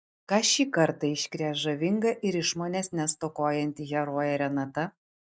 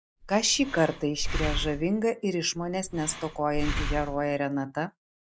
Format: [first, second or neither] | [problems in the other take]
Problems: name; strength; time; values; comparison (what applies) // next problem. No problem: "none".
first | background sound (Breathing); 5 dB below the speech